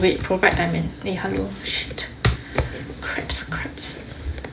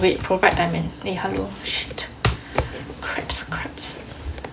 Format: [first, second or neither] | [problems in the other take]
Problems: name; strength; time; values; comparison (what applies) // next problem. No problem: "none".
second | room echo; dies away in 0.5 s